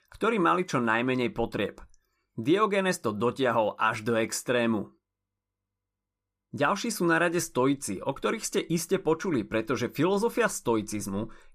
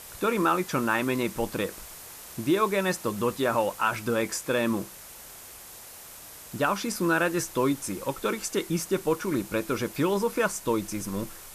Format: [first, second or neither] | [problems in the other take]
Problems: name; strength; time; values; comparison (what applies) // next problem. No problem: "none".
first | hiss; noticeable; throughout; 15 dB below the speech